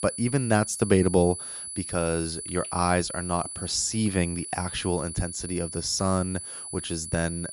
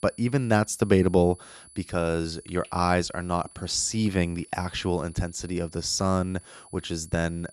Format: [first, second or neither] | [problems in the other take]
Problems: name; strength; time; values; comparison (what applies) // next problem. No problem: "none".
second | high-pitched whine; loud; throughout; 10 kHz, 7 dB below the speech; faint in the second